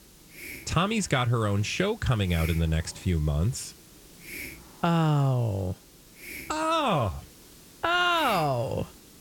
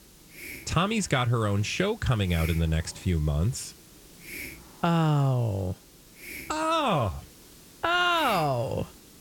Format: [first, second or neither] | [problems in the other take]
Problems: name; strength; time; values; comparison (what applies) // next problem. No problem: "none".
neither | hiss; noticeable; throughout; 15 dB below the speech; the same in both